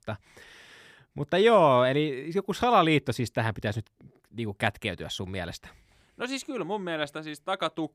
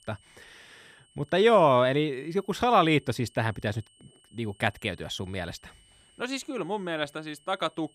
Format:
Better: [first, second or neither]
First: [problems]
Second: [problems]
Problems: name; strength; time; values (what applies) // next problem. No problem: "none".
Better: first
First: none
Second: high-pitched whine; faint; throughout; 3 kHz, 30 dB below the speech